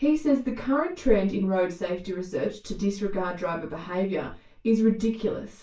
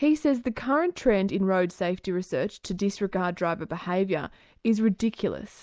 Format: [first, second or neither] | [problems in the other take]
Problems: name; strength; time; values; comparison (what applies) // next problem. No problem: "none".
second | room echo; dies away in 0.2 s